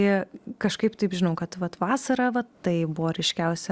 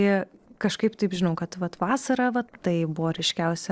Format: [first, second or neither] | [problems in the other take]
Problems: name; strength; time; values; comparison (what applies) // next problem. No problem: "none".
first | noise reduction (neural separator model SepFormer DNS4)